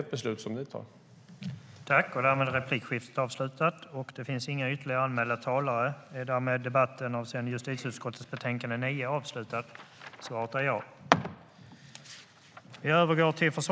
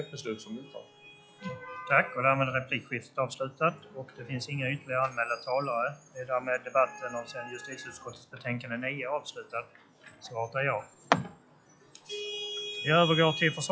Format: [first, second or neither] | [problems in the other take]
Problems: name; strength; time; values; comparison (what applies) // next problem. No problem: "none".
first | noise reduction (classical method log-MMSE)